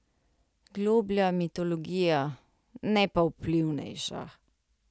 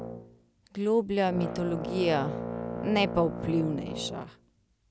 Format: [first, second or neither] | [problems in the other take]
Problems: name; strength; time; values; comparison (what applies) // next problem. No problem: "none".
first | background sound (Brass instrument); 7 dB below the speech